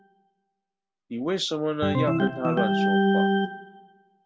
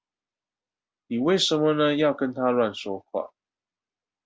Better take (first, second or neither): second